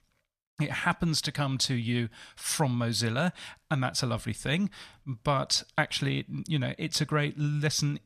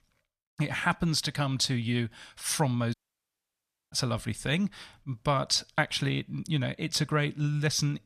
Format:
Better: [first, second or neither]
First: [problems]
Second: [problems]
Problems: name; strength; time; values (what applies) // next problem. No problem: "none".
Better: first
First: none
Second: audio cutting out; at 3 s for 1 s